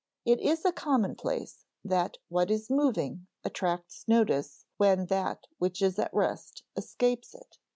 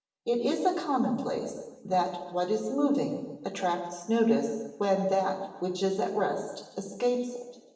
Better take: first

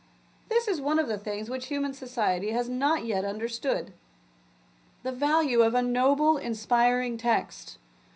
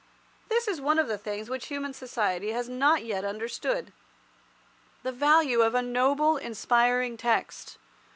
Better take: second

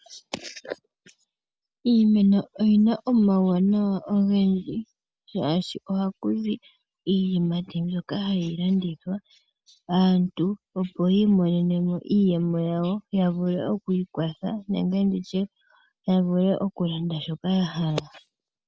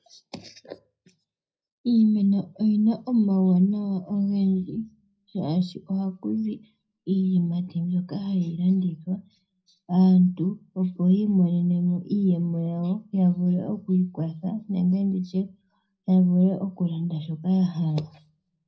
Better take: first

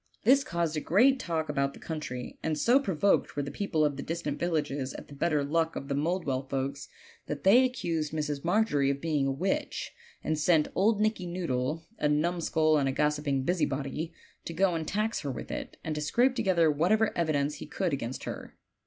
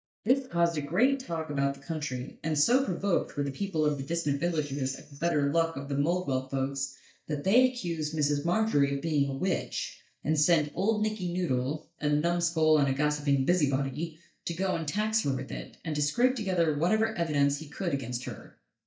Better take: first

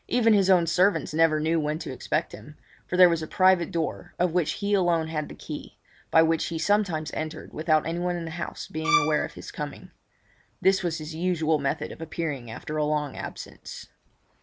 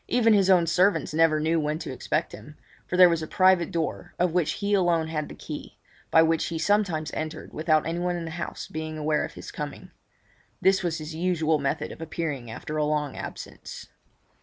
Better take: second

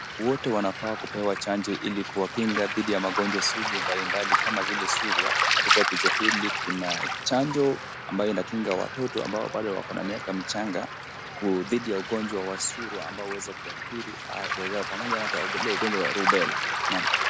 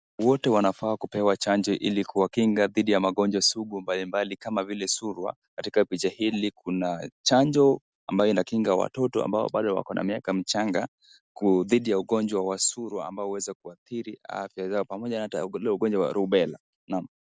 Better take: second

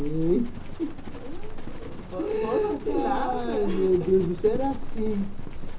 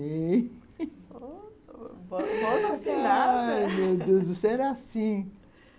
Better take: second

